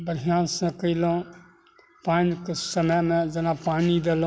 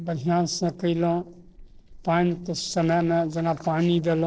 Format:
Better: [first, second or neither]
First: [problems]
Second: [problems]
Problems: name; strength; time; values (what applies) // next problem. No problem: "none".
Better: first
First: none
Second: noise reduction (neural separator model SepFormer DNS4)